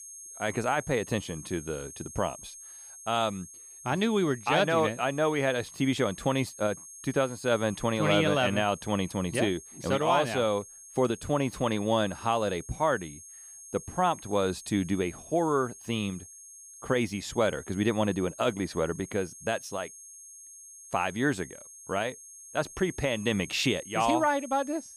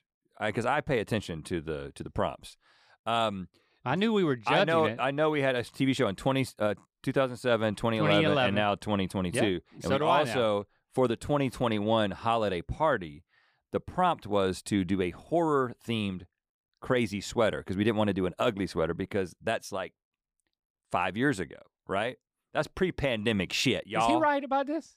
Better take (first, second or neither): second